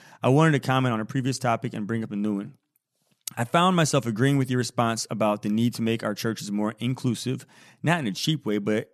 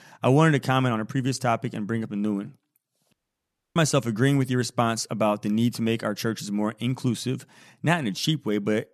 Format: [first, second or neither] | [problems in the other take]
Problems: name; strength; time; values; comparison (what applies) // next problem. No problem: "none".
first | audio cutting out; at 3 s for 0.5 s